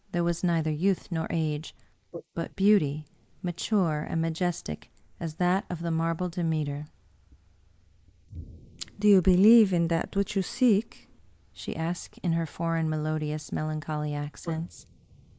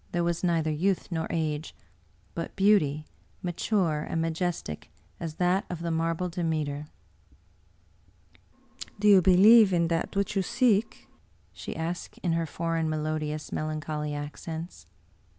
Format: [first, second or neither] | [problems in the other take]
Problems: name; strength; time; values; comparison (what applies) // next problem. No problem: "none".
second | noise reduction (neural mask model Resemble Enhance denoiser)